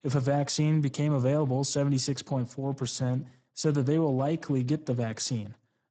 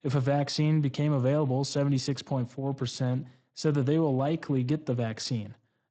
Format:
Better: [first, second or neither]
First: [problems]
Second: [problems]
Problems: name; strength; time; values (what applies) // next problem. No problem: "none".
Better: second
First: garbled, watery; badly; nothing above 8 kHz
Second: garbled, watery; slightly; nothing above 8 kHz